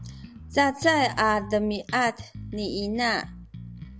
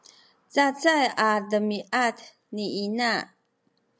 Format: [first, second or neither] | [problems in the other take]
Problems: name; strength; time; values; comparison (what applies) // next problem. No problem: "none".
second | background sound (Bass guitar); 14 dB below the speech